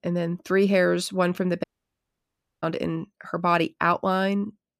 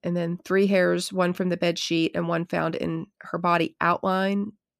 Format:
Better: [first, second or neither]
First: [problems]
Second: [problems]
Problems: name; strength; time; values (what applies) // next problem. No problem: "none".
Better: second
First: audio cutting out; at 1.5 s for 1 s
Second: none